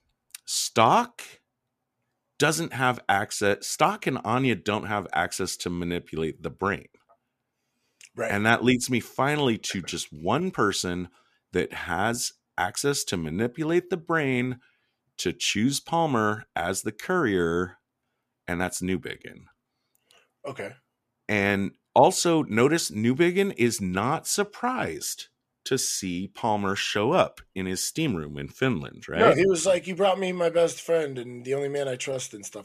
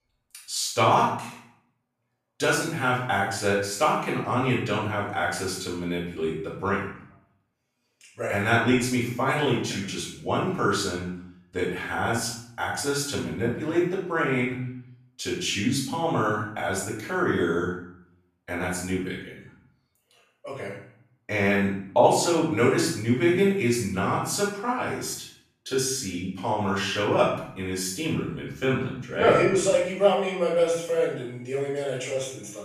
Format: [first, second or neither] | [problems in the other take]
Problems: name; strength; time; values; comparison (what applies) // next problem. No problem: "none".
first | room echo; noticeable; dies away in 0.6 s // off-mic speech; far